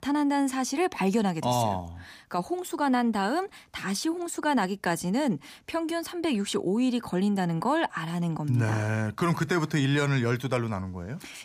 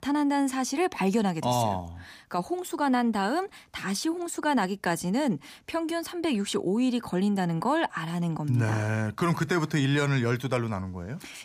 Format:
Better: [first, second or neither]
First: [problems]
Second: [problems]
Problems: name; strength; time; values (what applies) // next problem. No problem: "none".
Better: neither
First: none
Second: none